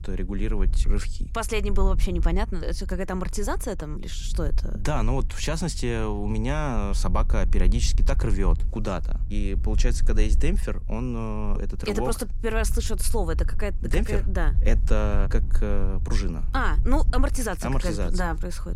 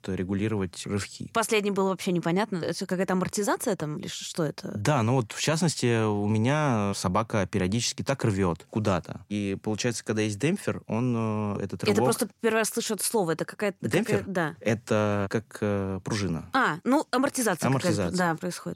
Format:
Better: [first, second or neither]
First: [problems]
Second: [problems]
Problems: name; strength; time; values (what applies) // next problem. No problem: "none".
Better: second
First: wind noise on the microphone; occasional gusts; 20 dB below the speech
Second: none